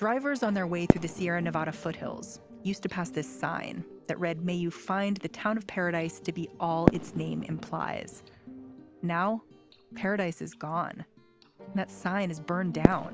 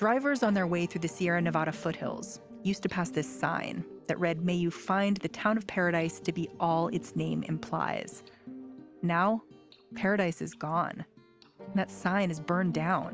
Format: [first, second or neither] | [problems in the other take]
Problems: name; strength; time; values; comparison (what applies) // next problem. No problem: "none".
second | background sound (Fireworks); 3 dB below the speech